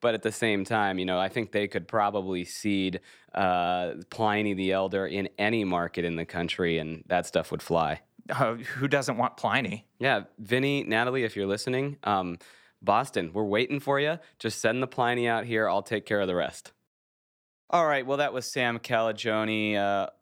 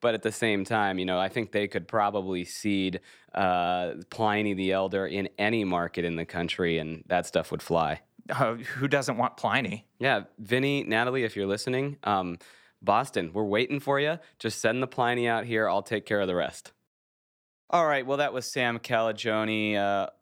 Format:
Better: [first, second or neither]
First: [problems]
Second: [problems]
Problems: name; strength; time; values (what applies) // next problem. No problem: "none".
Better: neither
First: none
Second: none